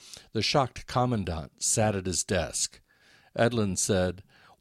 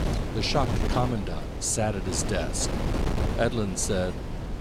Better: first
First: none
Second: wind noise on the microphone; heavy; 6 dB below the speech

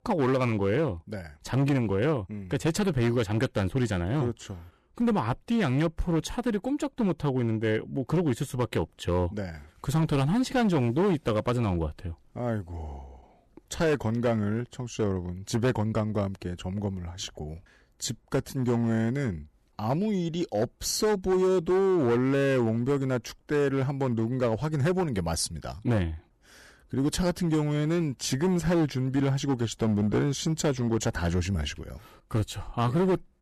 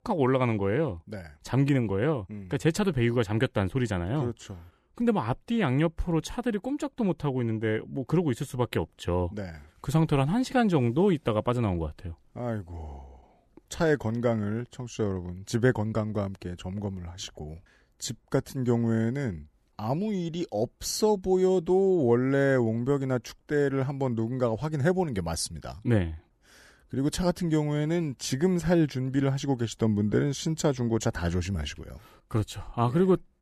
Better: second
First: distortion; slight; 8% of the sound clipped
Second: none

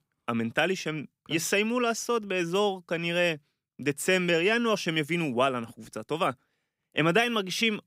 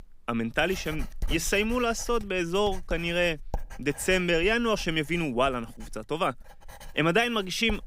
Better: first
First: none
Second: household noises; noticeable; throughout; 15 dB below the speech

